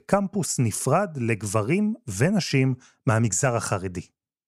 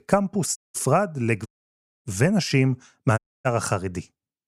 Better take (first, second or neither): first